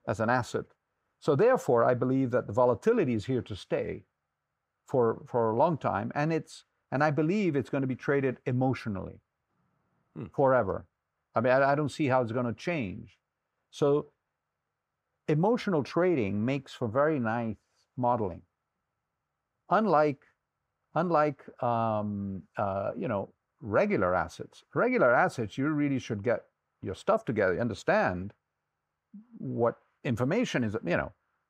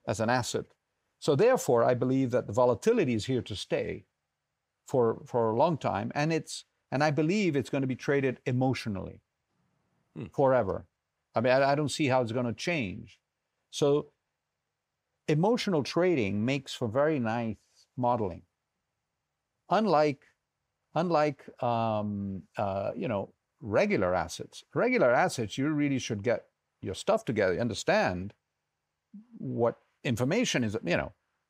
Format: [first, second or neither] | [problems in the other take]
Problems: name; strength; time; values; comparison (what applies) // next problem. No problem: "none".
second | muffled; slightly; fading above 2.5 kHz